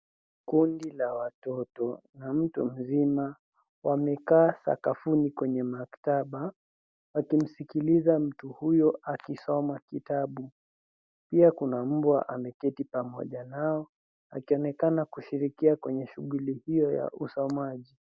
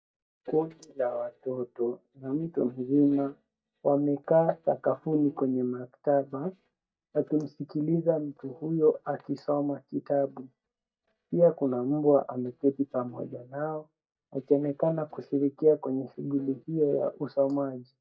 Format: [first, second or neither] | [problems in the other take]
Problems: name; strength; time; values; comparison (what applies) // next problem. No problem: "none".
first | noise reduction (neural mask model DeepFilterNet 3)